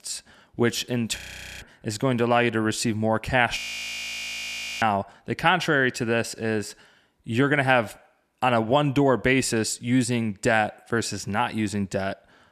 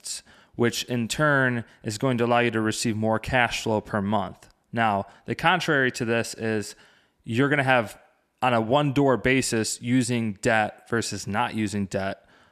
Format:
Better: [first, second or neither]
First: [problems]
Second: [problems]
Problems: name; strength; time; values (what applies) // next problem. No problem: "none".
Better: second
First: audio freezing; at 1 s and at 3.5 s for 1.5 s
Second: none